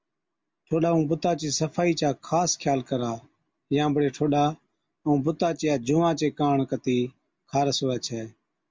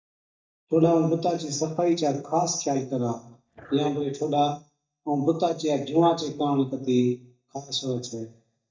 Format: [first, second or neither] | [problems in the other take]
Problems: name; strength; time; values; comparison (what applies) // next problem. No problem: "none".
first | noise reduction (neural mask model DeepFilterNet 3)